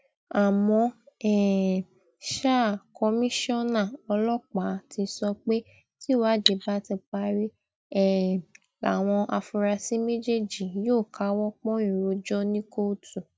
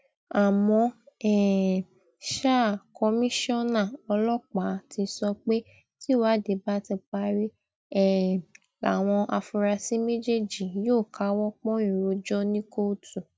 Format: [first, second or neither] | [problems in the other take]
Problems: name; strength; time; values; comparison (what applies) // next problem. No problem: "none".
second | background sound (Cutlery, silverware); 3 dB below the speech